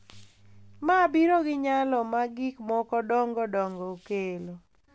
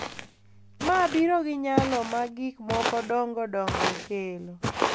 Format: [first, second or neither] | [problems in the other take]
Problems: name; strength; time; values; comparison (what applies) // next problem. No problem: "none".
first | background sound (Walk, footsteps); 4 dB below the speech